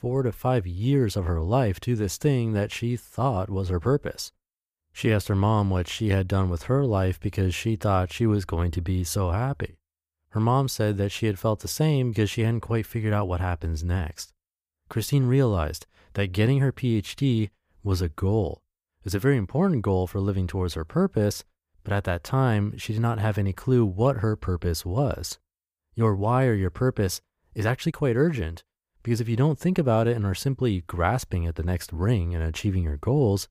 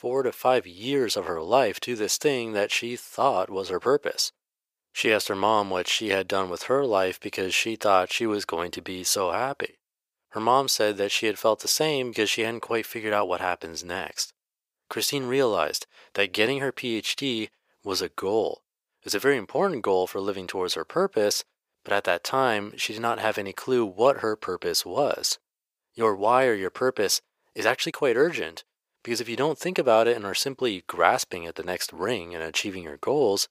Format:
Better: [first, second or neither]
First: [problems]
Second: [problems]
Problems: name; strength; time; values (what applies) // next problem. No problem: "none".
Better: first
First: none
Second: thin; very; fading below 500 Hz